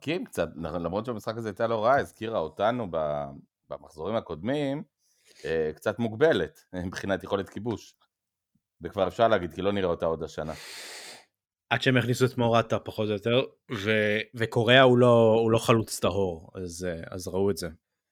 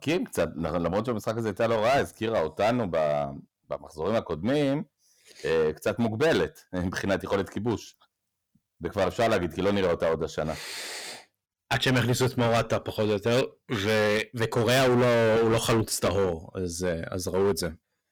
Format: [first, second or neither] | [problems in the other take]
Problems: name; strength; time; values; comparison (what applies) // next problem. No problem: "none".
first | distortion; heavy; 12% of the sound clipped